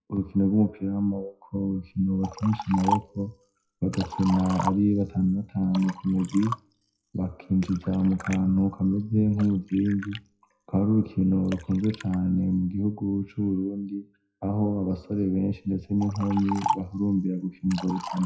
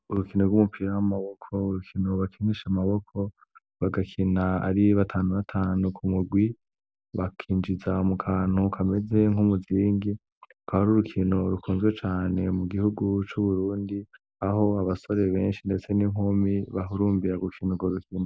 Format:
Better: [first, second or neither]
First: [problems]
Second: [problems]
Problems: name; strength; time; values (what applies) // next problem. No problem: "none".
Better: second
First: noise reduction (classical method WPE with log-MMSE)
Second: none